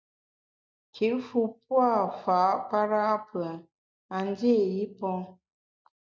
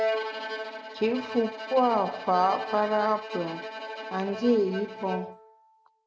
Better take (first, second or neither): first